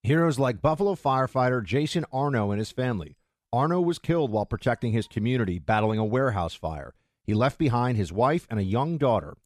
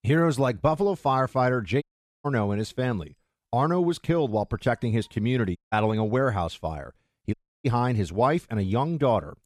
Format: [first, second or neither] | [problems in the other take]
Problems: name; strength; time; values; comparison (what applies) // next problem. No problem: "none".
first | audio cutting out; at 2 s, at 5.5 s and at 7.5 s